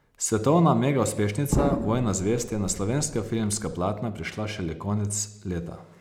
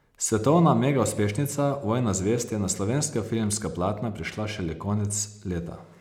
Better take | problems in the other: second | background sound (Explosion); 5 dB below the speech

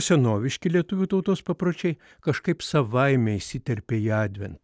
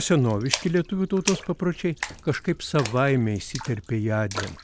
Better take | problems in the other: first | background sound (Splash, splatter); 11 dB below the speech

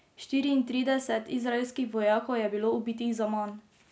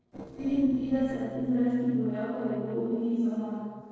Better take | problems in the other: first | noise reduction (neural separator model SepFormer DNS4)

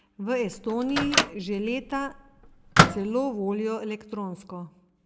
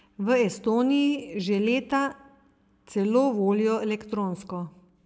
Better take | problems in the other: second | background sound (Microwave oven); 3 dB above the speech

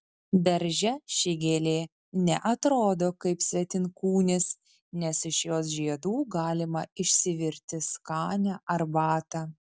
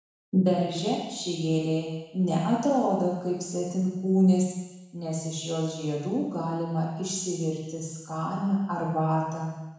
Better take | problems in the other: first | room echo; dies away in 1.1 s

